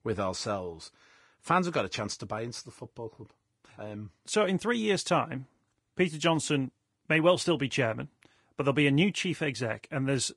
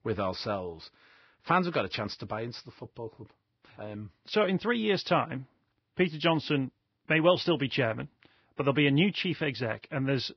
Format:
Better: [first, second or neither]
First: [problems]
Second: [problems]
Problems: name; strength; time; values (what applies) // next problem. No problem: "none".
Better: first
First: garbled, watery; slightly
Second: garbled, watery; badly; nothing above 5.5 kHz